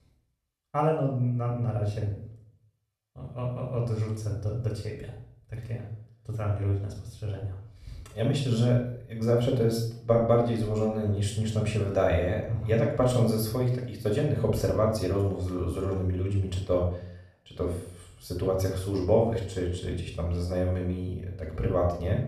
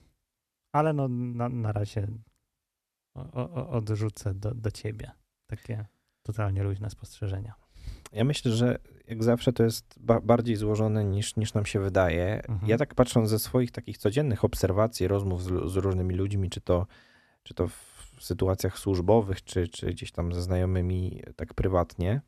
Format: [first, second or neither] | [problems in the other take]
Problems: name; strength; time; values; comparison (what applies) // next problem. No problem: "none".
second | off-mic speech; somewhat distant // room echo; noticeable; dies away in 0.5 s